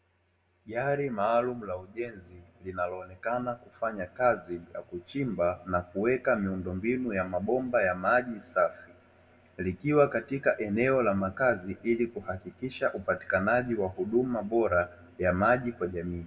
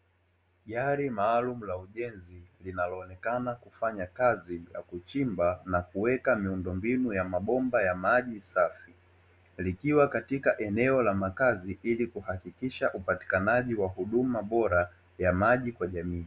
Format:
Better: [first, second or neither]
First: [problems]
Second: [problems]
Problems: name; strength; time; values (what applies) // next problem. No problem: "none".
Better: second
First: room echo; dies away in 1.8 s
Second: none